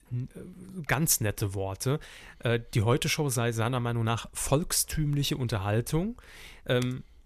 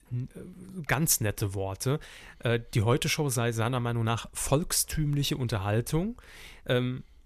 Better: second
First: keyboard typing; very faint; at 7 s; peak 20 dB below the speech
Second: none

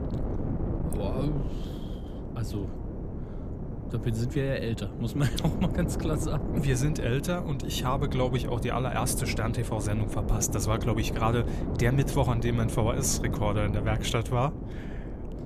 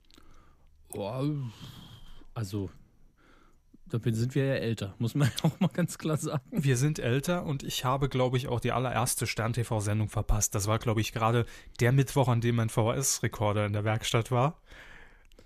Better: second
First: wind noise on the microphone; heavy; 8 dB below the speech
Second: none

